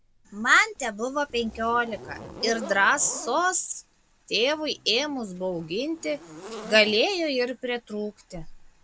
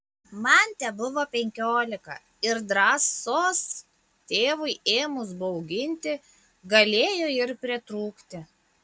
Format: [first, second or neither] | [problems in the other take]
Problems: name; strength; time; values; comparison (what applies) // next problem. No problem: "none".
second | background sound (Zipper (clothing)); 17 dB below the speech